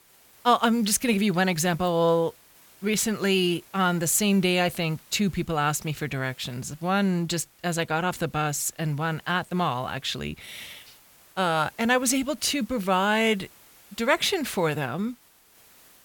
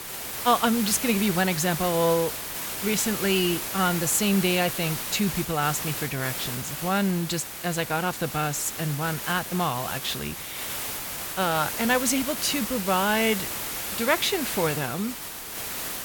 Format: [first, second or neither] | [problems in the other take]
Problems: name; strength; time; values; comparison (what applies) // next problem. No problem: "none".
first | hiss; loud; throughout; 5 dB below the speech; faint in the first